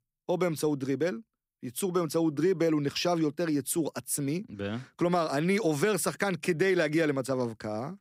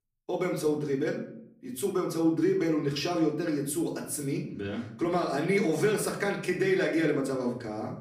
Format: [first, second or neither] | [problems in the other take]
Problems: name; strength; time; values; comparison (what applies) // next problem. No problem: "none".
first | room echo; slight; dies away in 0.5 s // off-mic speech; far